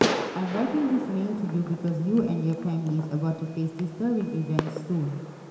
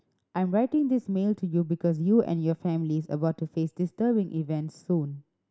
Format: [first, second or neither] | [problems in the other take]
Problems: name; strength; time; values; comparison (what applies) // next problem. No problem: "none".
second | background sound (Fireworks); 7 dB below the speech // room echo; dies away in 2.9 s